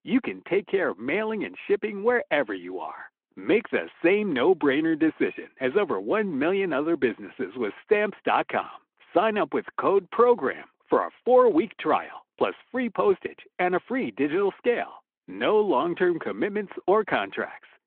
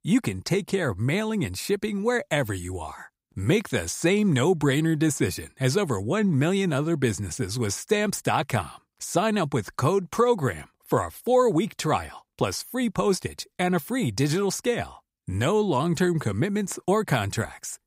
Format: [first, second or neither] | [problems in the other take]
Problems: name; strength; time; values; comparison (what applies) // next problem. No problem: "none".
second | phone-call audio